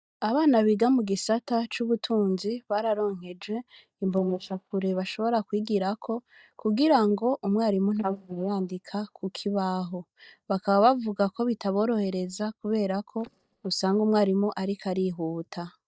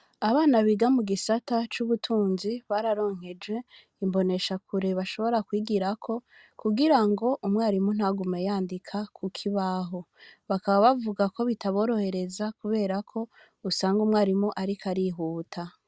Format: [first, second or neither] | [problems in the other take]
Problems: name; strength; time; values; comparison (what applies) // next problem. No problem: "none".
second | noise reduction (neural mask model DeepFilterNet 3)